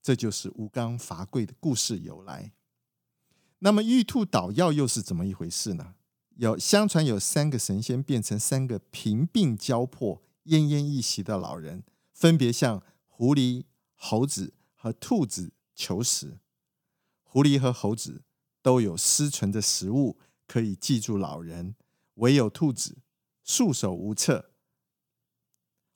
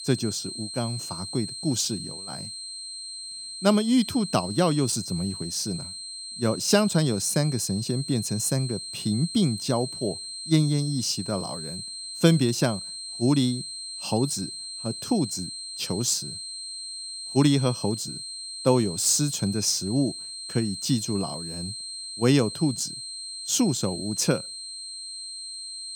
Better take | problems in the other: first | high-pitched whine; loud; throughout; 4 kHz, 8 dB below the speech

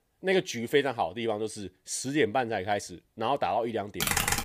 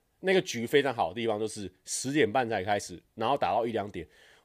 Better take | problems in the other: second | keyboard typing; loud; at 4 s; peak 4 dB above the speech

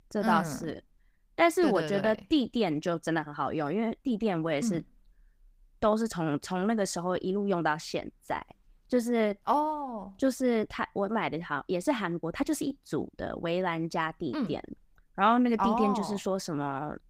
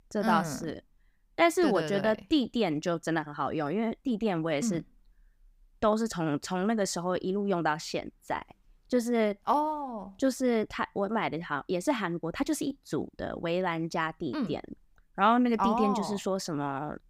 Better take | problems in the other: second | garbled, watery; slightly; nothing above 15.5 kHz

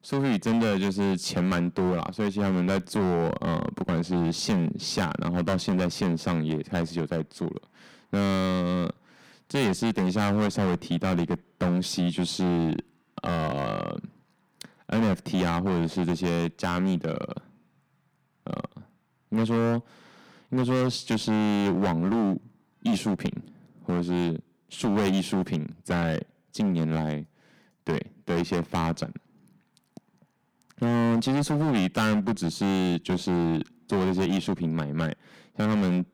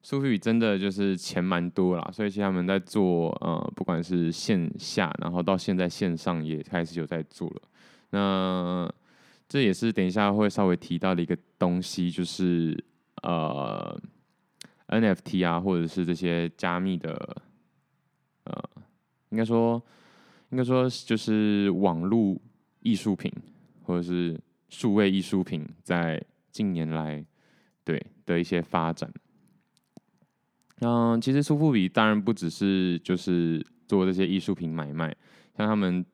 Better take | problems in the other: second | distortion; heavy; 13% of the sound clipped

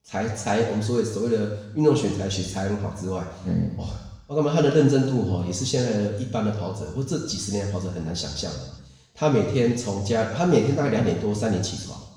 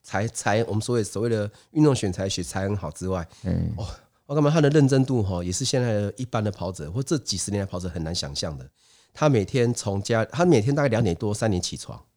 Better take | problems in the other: second | room echo; noticeable; dies away in 1 s // off-mic speech; far

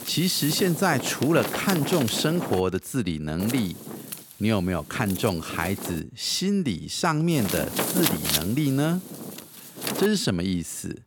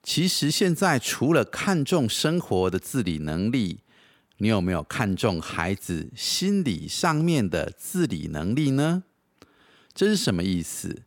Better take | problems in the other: second | wind noise on the microphone; heavy; until 2.5 s, from 3.5 to 6 s and from 7.5 to 10 s; 5 dB below the speech

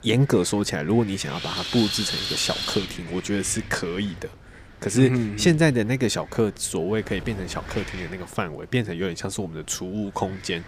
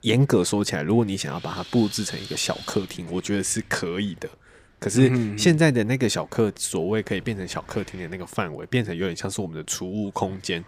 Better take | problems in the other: second | wind noise on the microphone; heavy; 3 dB below the speech; occasional gusts in the second

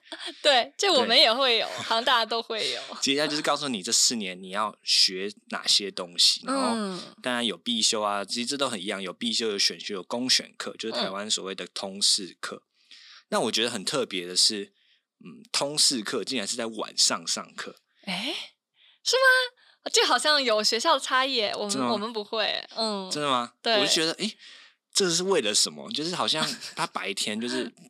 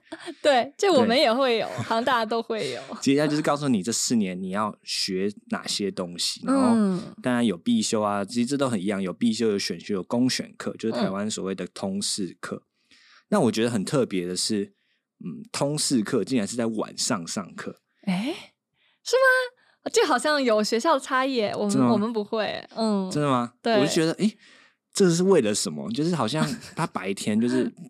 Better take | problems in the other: second | thin; somewhat; fading below 750 Hz

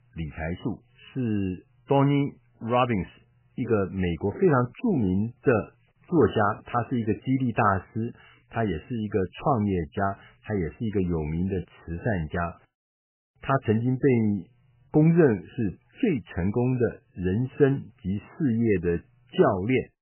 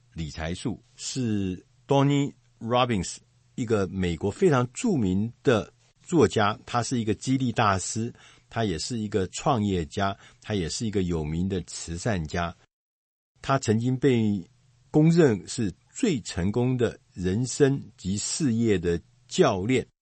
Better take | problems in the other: second | garbled, watery; badly; nothing above 3 kHz; slightly in the second

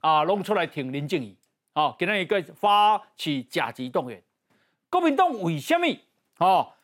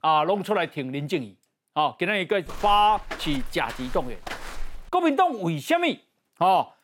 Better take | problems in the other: first | footsteps; faint; from 2.5 to 5 s; peak 10 dB below the speech

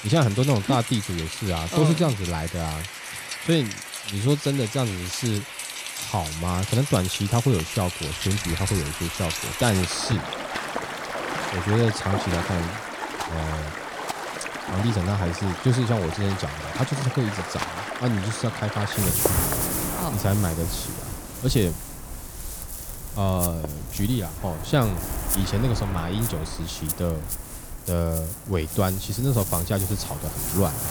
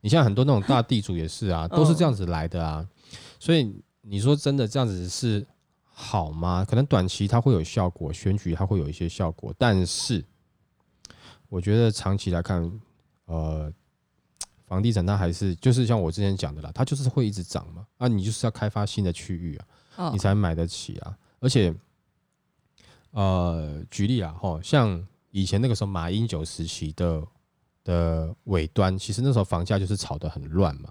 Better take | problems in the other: second | rain or running water; loud; throughout; 4 dB below the speech

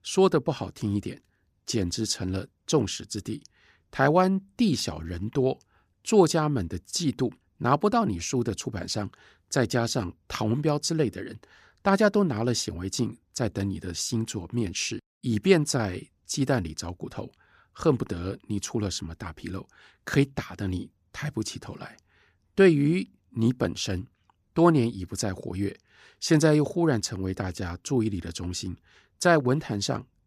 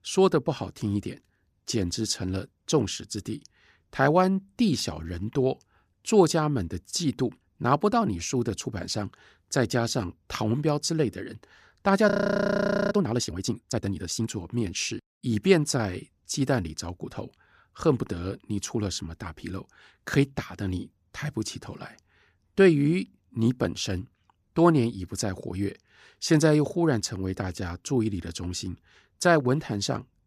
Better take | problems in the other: first | audio freezing; at 12 s for 1 s

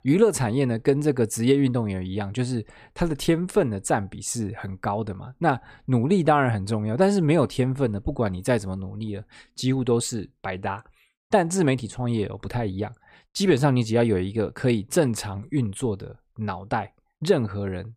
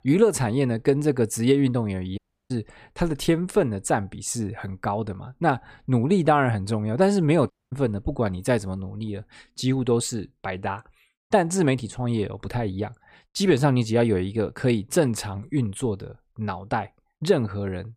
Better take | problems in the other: first | audio cutting out; at 2 s and at 7.5 s

